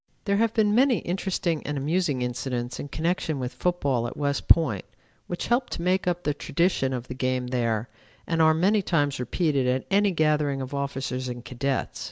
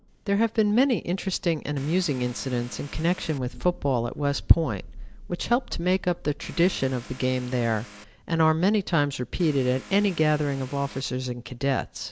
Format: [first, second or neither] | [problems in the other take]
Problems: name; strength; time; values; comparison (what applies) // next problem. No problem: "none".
first | background sound (Vehicle + Thunder); 19 dB below the speech